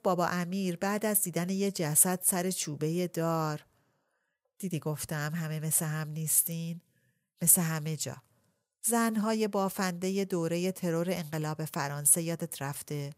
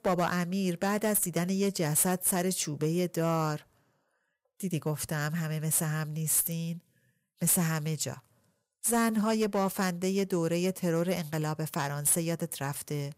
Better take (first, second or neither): first